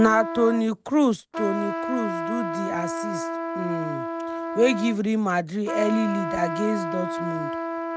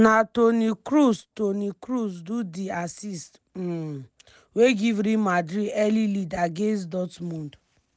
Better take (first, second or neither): second